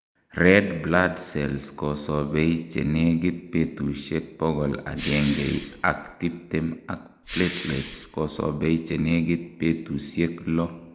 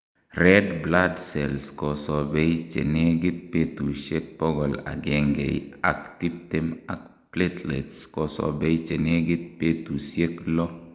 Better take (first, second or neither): second